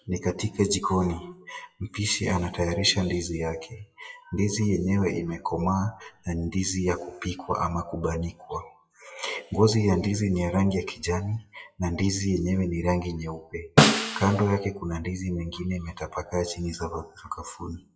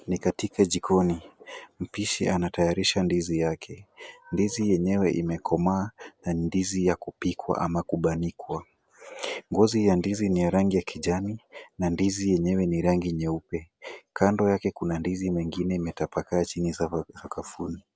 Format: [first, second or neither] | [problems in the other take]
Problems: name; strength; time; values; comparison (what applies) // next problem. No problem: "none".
second | noise reduction (classical method WPE with log-MMSE)